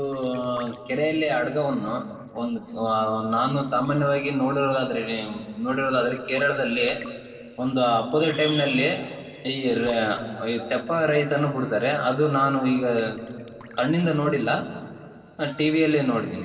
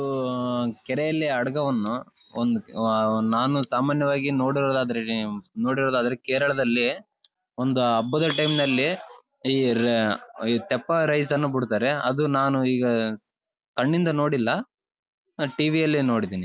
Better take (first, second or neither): second